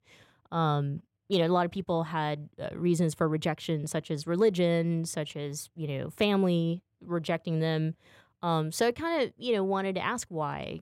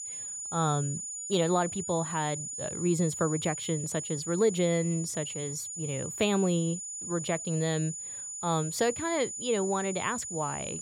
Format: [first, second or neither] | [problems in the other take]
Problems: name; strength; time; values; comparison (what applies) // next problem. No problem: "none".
first | high-pitched whine; loud; throughout; 7 kHz, 5 dB below the speech